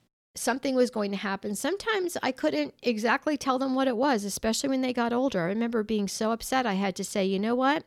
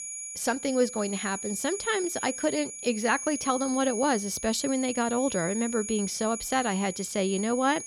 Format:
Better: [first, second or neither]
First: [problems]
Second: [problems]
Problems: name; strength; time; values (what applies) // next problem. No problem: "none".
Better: first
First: none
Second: high-pitched whine; loud; throughout; 7 kHz, 7 dB below the speech